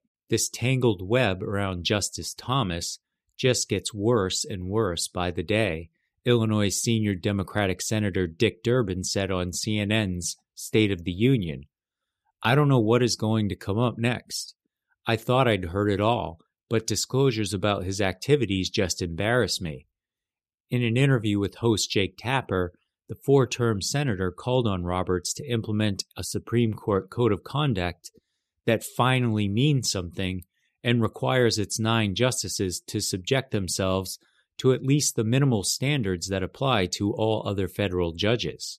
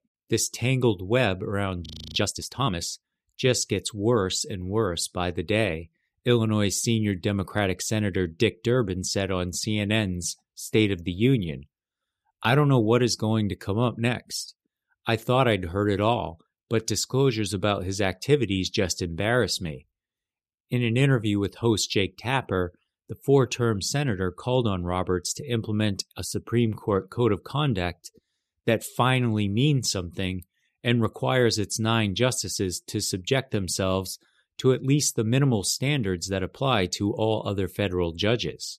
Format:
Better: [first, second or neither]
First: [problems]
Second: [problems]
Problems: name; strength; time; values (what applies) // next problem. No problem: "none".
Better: first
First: none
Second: audio freezing; at 2 s